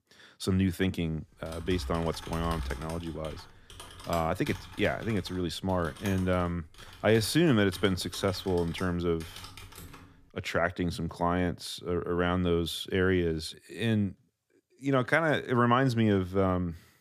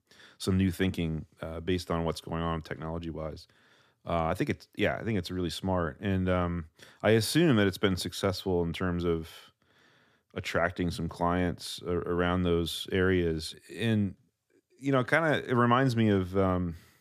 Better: second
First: keyboard typing; noticeable; from 1.5 to 10 s; peak 9 dB below the speech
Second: none

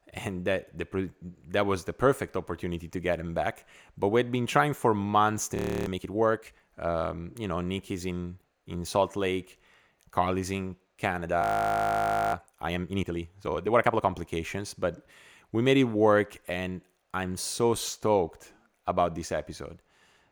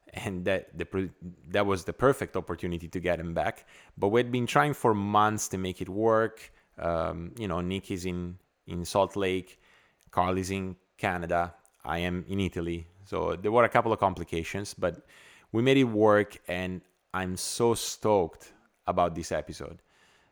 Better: second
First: audio freezing; at 5.5 s and at 11 s for 1 s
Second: none

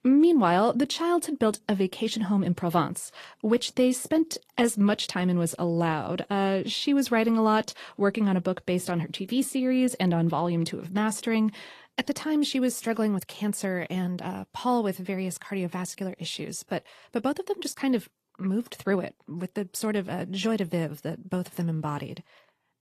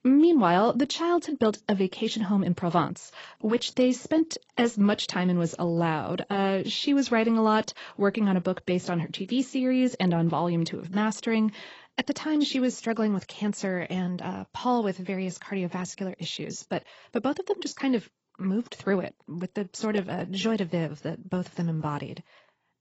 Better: first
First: garbled, watery; slightly; nothing above 14 kHz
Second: garbled, watery; badly; nothing above 8 kHz

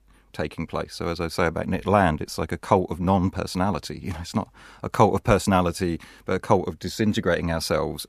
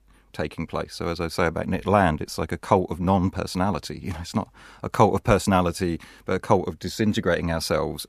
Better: neither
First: none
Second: none

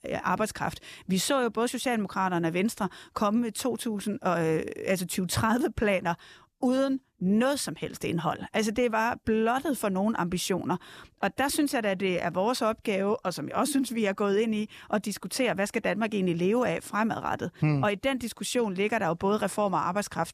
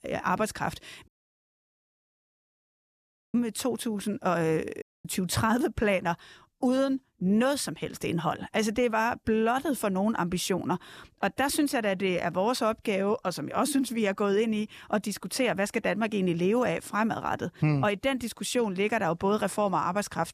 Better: first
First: none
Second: audio cutting out; at 1 s for 2.5 s and at 5 s

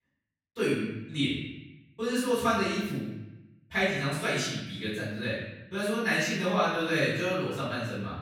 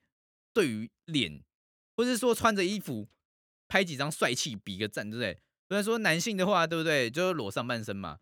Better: second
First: room echo; strong; dies away in 1 s // off-mic speech; far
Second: none

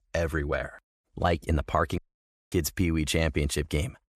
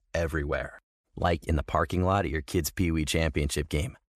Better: second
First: audio cutting out; at 2 s for 0.5 s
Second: none

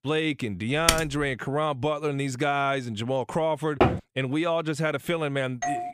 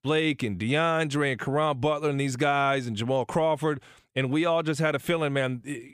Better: second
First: keyboard typing; loud; at 1 s; peak 3 dB above the speech // door banging; loud; at 4 s; peak 3 dB above the speech // doorbell; very faint; at 5.5 s; peak 3 dB below the speech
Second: none

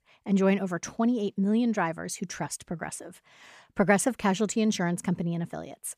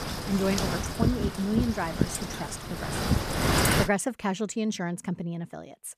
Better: first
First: none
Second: wind noise on the microphone; heavy; until 4 s; 3 dB above the speech

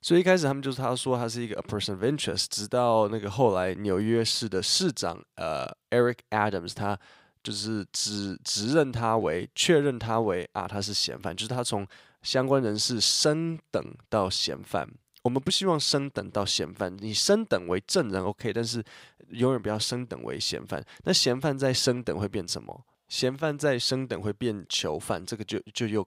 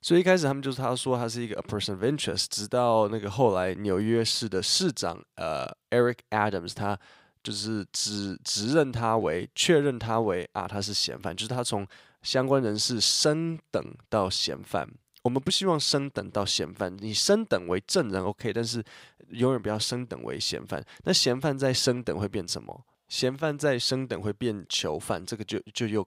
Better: neither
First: thin; somewhat; fading below 1 kHz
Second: thin; somewhat; fading below 1 kHz

